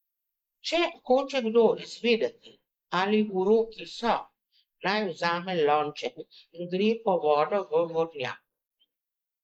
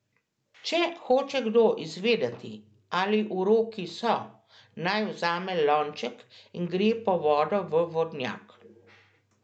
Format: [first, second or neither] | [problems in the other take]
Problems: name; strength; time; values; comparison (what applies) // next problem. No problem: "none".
second | noise reduction (neural mask model Resemble Enhance denoiser)